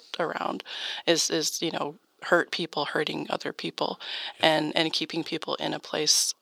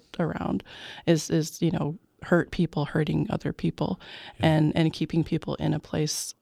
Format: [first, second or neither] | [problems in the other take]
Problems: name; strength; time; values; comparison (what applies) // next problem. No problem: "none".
second | thin; very; fading below 500 Hz